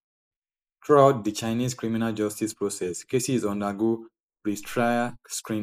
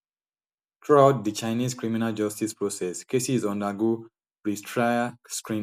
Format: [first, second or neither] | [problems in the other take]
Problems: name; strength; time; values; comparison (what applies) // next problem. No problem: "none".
second | noise reduction (neural mask model Resemble Enhance denoiser)